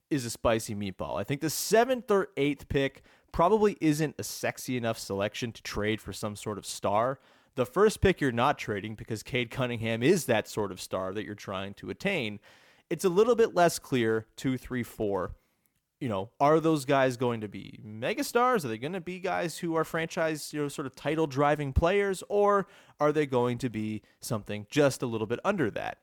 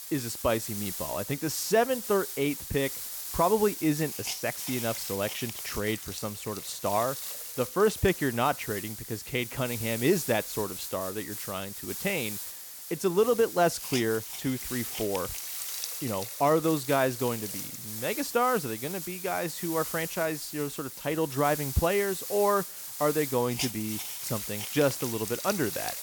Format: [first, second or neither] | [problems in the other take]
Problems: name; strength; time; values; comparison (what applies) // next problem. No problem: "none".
first | hiss; loud; throughout; 6 dB below the speech